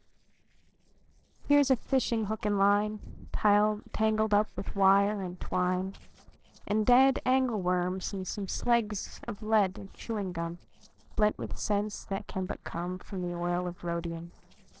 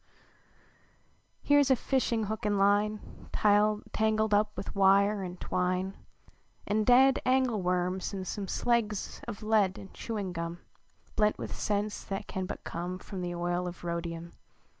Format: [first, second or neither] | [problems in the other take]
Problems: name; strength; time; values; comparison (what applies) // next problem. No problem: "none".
second | noise reduction (neural separator model SepFormer DNS4)